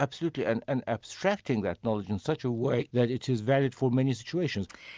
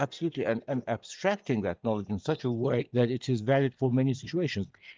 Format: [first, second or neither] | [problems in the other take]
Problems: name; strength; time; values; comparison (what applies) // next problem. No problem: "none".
first | noise reduction (neural mask model DeepFilterNet 3)